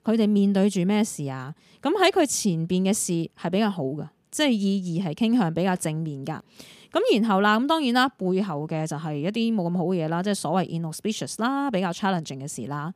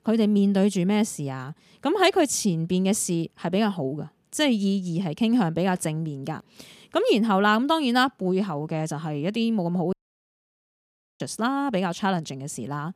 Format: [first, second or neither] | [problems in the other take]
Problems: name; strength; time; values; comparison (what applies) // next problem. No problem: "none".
first | audio cutting out; at 10 s for 1.5 s